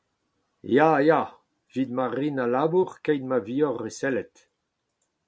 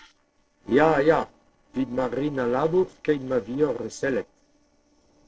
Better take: first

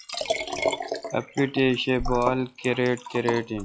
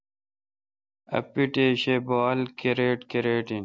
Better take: second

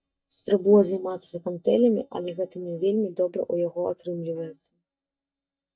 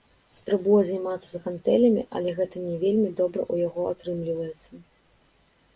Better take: second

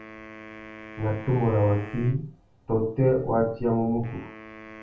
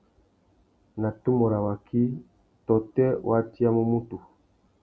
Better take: second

